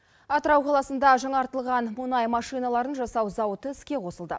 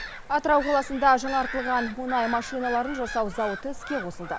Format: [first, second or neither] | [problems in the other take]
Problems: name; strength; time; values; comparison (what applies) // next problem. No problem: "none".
first | background sound (Gull, seagull / Bird vocalization, bird call, bird song); 10 dB below the speech